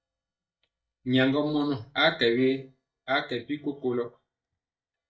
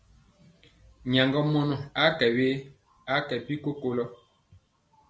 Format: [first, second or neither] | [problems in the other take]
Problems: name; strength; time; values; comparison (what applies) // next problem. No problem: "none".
second | noise reduction (neural mask model DeepFilterNet 3)